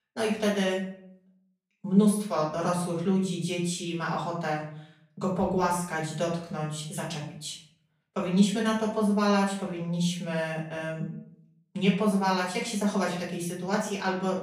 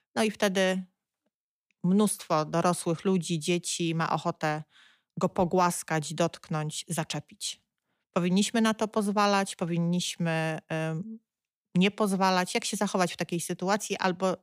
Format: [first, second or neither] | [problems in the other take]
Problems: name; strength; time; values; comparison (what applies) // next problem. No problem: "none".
second | off-mic speech; far // room echo; noticeable; dies away in 0.5 s